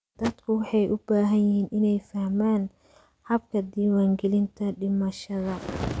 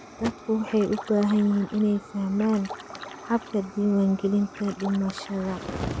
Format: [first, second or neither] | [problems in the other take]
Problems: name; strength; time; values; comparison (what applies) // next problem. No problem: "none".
first | background sound (Splash, splatter + Fire); 16 dB below the speech